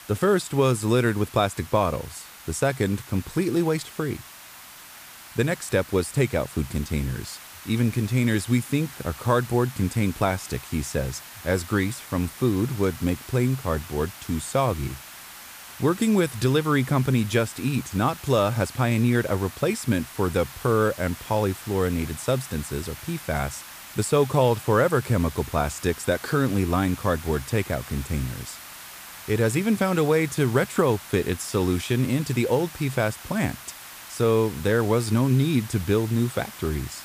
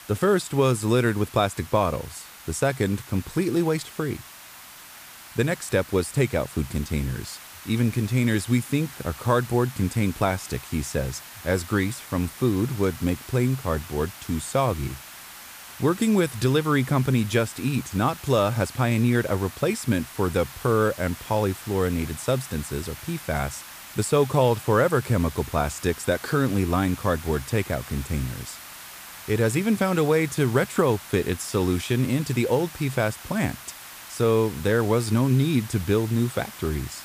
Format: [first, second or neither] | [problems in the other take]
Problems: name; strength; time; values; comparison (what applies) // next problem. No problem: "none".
neither | hiss; noticeable; throughout; 15 dB below the speech; the same in both